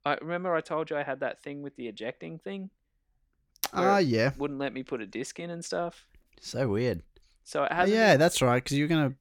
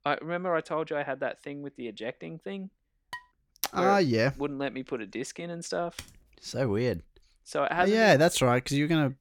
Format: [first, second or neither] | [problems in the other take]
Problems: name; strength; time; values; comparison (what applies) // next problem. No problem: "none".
first | clattering dishes; faint; at 3 s; peak 15 dB below the speech // keyboard typing; faint; at 6 s; peak 15 dB below the speech